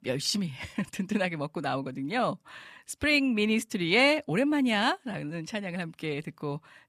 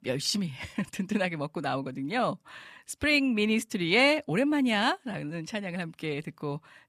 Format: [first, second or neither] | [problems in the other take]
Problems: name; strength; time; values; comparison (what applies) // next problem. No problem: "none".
neither | none